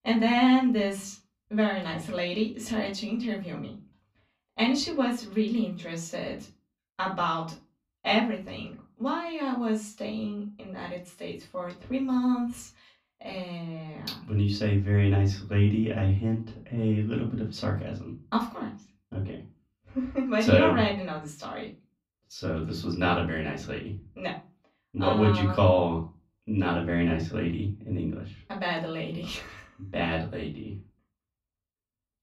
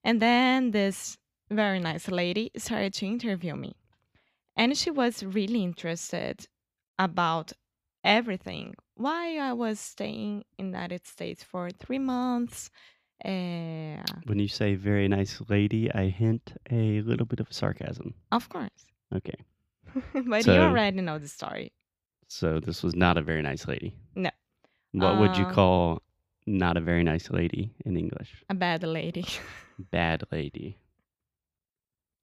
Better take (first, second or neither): second